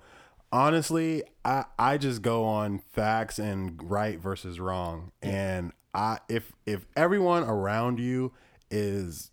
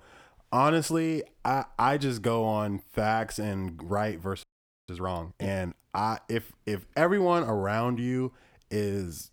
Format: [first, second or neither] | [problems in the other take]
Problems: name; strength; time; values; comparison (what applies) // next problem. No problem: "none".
first | audio freezing; at 4.5 s